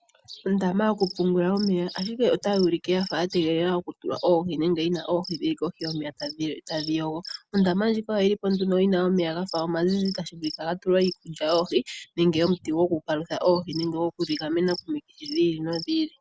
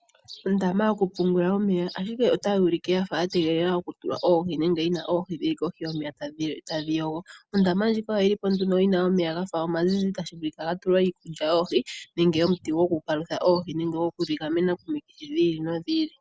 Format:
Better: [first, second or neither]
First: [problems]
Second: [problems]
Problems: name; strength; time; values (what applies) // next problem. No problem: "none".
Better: second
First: background sound (Cricket); 19 dB below the speech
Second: none